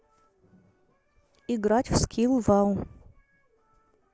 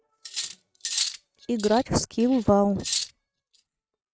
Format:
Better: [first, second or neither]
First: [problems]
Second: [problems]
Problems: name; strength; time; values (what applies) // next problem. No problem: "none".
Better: first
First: none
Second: noise reduction (neural mask model RNNoise)